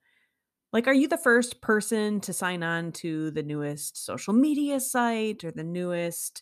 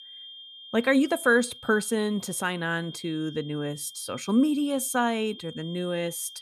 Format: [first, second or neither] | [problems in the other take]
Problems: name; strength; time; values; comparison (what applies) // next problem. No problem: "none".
first | high-pitched whine; noticeable; throughout; 3 kHz, 15 dB below the speech